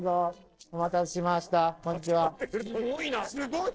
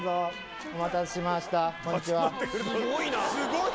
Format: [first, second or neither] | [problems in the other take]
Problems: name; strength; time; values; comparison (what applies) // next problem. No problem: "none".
second | noise reduction (neural separator model SepFormer DNS4)